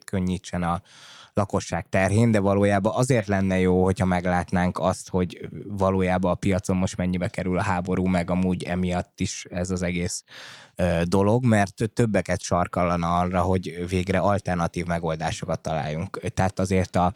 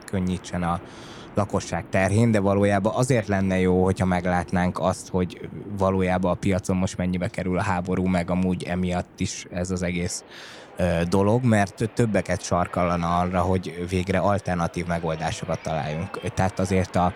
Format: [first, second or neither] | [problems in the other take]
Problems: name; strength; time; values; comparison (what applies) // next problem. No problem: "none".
first | train or aircraft noise; faint; throughout; 20 dB below the speech